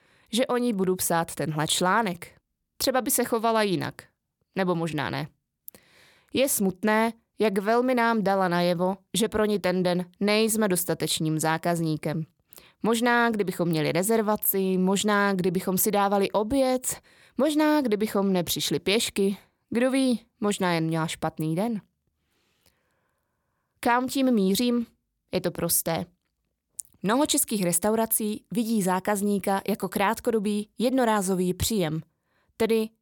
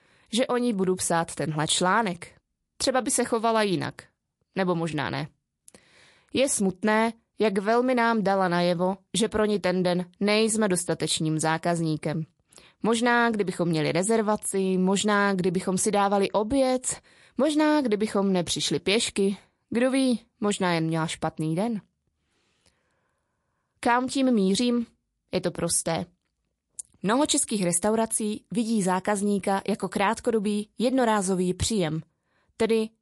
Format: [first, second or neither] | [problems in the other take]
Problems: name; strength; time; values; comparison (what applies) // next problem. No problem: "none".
first | garbled, watery; slightly; nothing above 11.5 kHz